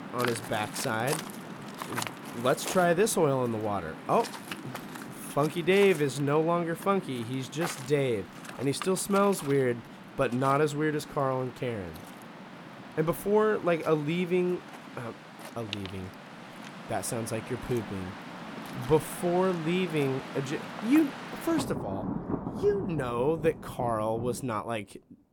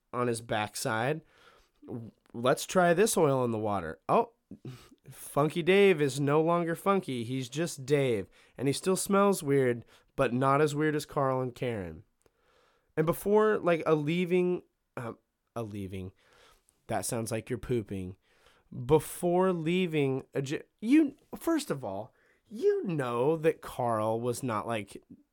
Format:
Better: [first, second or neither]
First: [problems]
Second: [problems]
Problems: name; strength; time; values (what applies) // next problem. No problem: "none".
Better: second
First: rain or running water; noticeable; throughout; 10 dB below the speech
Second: none